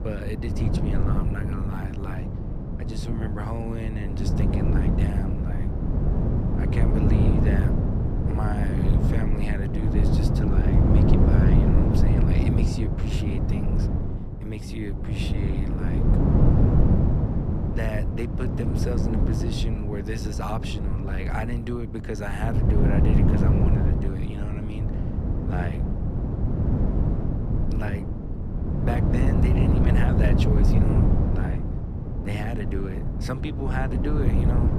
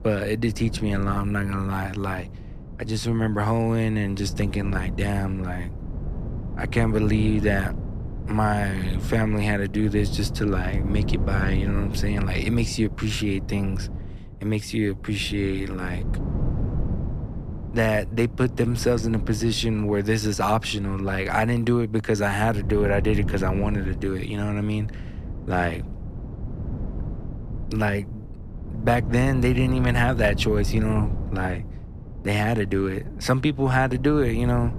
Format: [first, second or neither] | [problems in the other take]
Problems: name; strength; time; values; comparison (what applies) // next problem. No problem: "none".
second | wind noise on the microphone; heavy; 3 dB above the speech; occasional gusts in the second